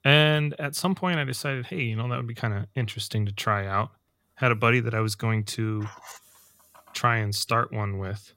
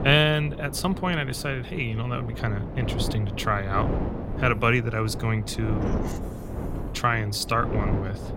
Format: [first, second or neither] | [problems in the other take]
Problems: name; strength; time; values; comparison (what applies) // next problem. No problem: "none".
first | wind noise on the microphone; occasional gusts; 10 dB below the speech